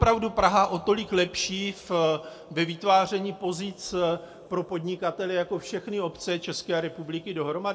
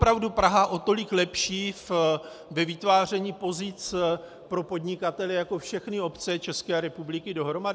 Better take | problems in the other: second | room echo; dies away in 1.4 s

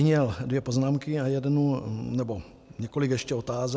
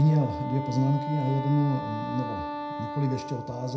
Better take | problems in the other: first | background sound (Wind instrument, woodwind instrument); 7 dB below the speech // room echo; dies away in 0.4 s

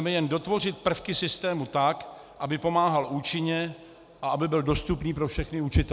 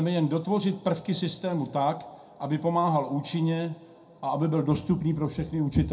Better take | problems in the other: first | room echo; dies away in 0.2 s

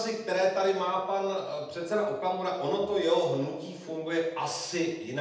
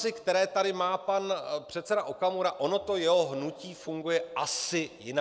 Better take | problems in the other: second | room echo; dies away in 0.8 s

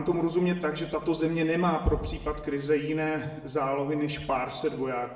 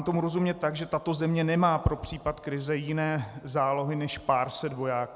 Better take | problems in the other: second | room echo; dies away in 0.7 s

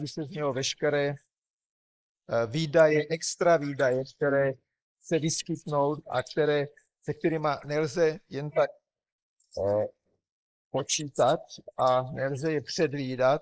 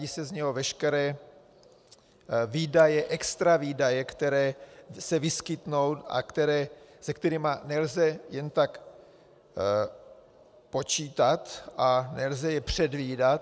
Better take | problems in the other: second | noise reduction (neural mask model Resemble Enhance denoiser)

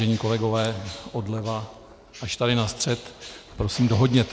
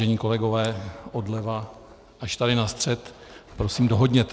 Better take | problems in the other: second | background sound (Bird); 19 dB below the speech

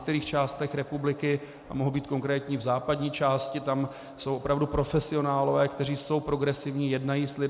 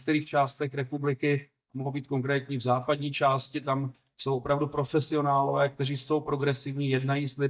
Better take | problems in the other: first | noise reduction (neural mask model DeepFilterNet 3)

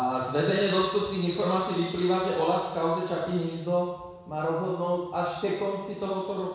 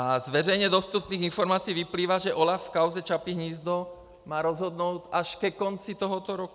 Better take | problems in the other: second | room echo; dies away in 1.1 s

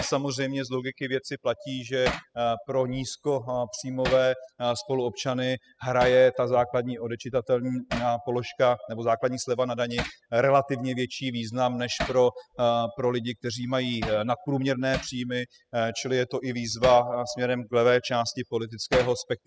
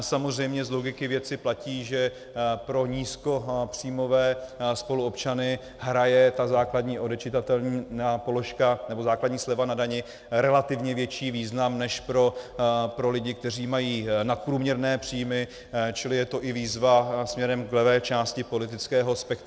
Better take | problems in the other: second | noise reduction (classical method spectral subtraction)

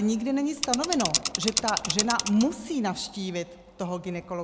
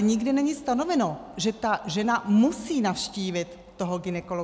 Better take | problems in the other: second | background sound (Mechanisms / Bicycle); 2 dB below the speech

